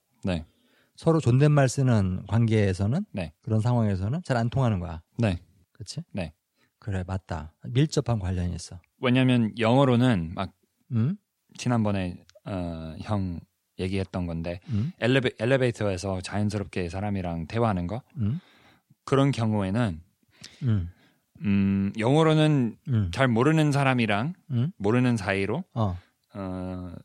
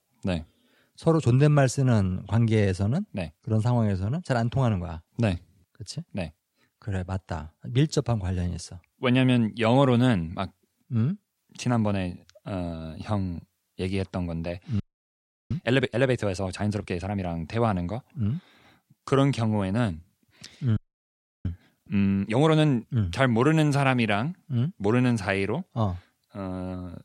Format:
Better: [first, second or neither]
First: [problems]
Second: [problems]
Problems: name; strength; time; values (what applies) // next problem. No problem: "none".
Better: first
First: none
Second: audio freezing; at 15 s for 0.5 s and at 21 s for 0.5 s